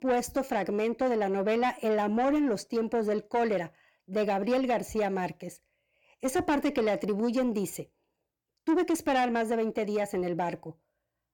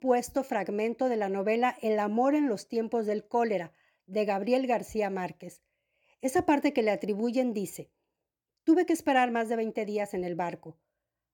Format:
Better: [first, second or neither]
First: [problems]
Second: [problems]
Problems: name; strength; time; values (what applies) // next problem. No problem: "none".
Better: second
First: distortion; slight; 10 dB below the speech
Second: none